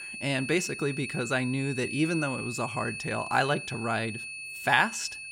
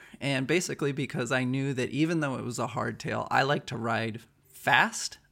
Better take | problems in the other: second | high-pitched whine; loud; throughout; 2.5 kHz, 7 dB below the speech

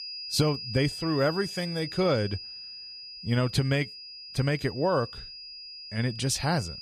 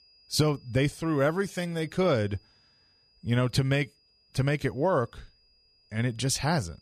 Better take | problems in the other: second | high-pitched whine; loud; throughout; 5 kHz, 10 dB below the speech; faint in the second

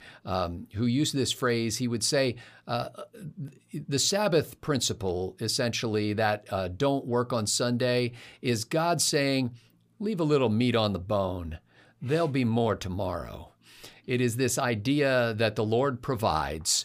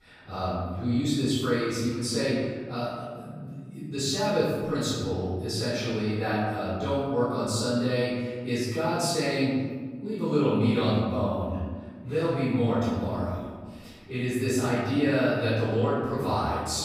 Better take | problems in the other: first | off-mic speech; far // room echo; strong; dies away in 1.7 s

